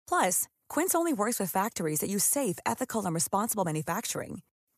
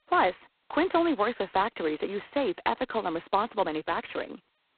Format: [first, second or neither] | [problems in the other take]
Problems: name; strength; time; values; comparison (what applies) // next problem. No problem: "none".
first | phone-call audio; poor line; nothing above 4 kHz